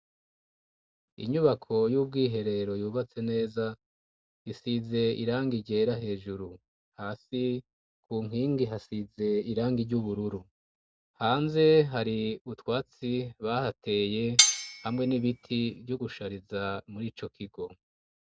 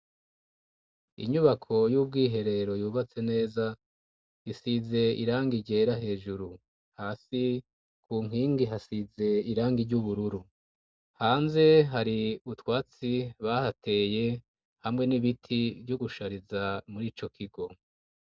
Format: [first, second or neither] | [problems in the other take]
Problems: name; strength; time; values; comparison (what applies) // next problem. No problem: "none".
second | background sound (Cutlery, silverware); 2 dB above the speech